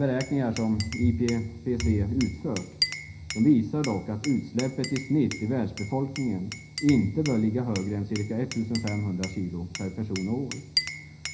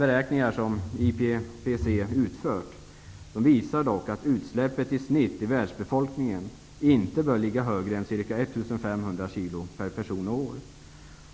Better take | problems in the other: second | background sound (Glass); 11 dB below the speech // room echo; dies away in 0.5 s

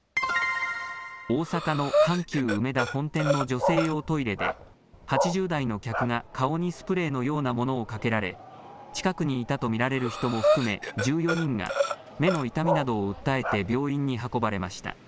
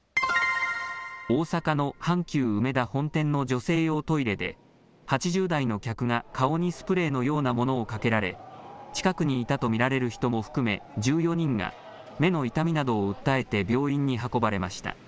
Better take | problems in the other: second | background sound (Bark + Breathing); 2 dB below the speech

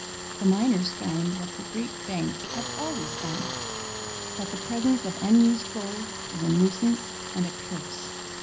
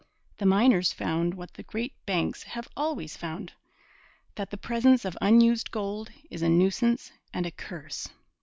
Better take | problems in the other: second | background sound (Tools); 7 dB below the speech // room echo; dies away in 0.4 s

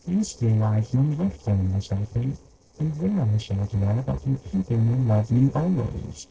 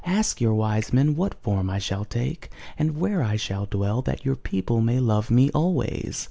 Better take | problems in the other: second | noise reduction (neural separator model SepFormer DNS4)

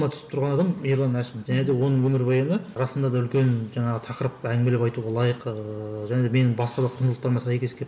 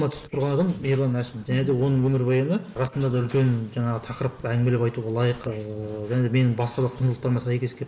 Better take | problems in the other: first | noise reduction (neural mask model Resemble Enhance denoiser)

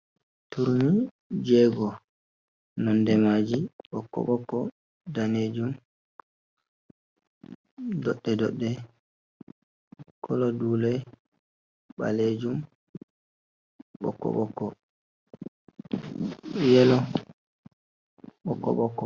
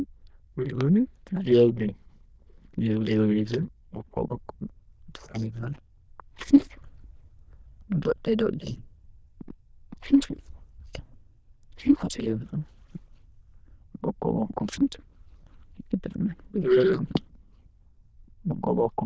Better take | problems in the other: first | noise reduction (neural diffusion model UNIVERSE++)

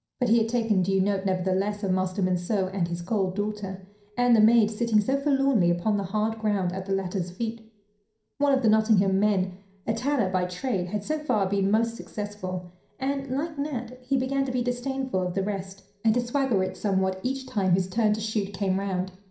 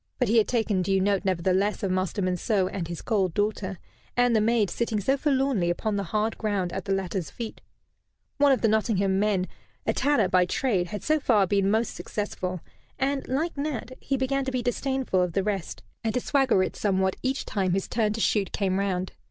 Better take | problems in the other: second | room echo; dies away in 0.5 s

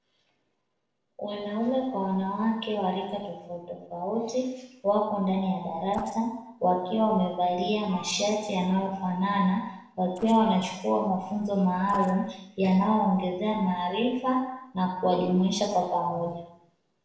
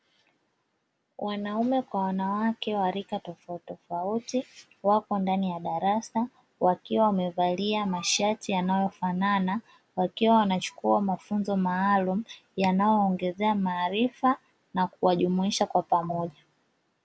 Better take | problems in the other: second | noise reduction (neural separator model SepFormer DNS4)

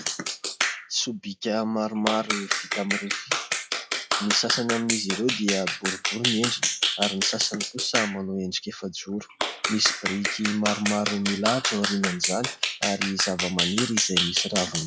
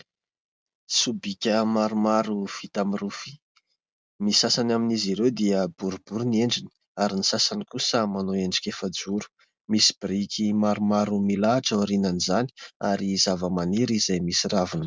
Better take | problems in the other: second | noise reduction (classical method log-MMSE)

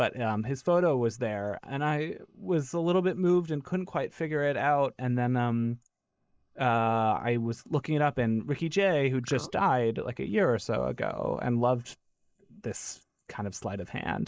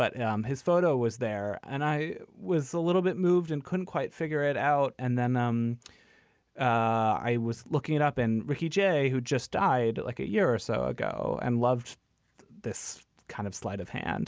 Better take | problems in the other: second | noise reduction (neural mask model Resemble Enhance denoiser)

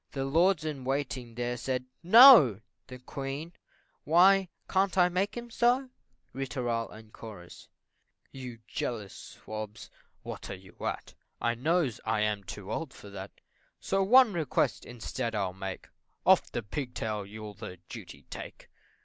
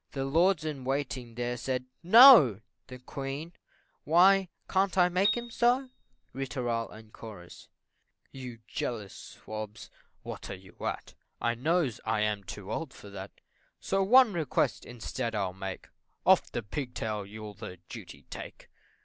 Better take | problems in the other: first | background sound (Piano); 9 dB below the speech

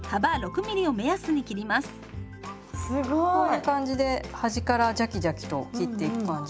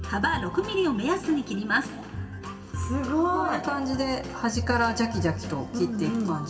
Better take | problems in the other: first | room echo; dies away in 1.8 s

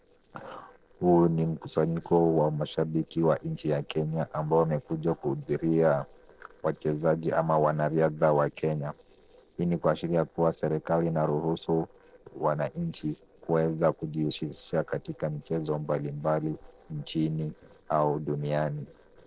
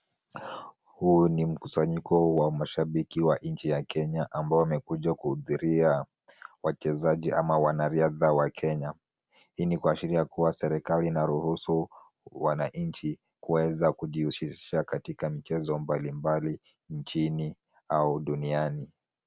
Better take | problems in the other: second | noise reduction (neural separator model SepFormer DNS4)

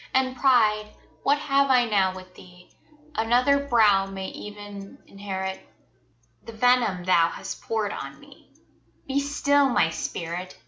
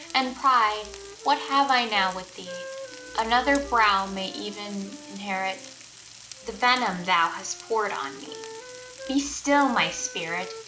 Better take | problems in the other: first | background sound (Frying (food) + Wind instrument, woodwind instrument); 15 dB below the speech

